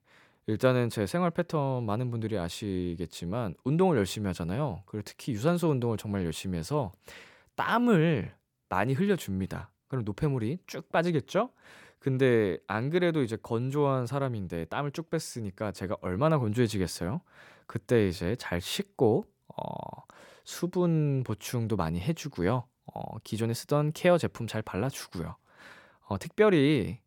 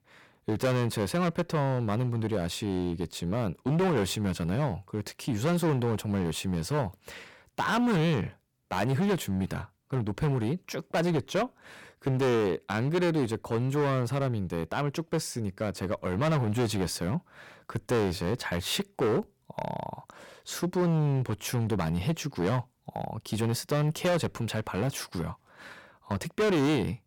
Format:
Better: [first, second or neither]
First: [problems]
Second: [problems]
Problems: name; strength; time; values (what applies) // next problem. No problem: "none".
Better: first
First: none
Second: distortion; heavy; 12% of the sound clipped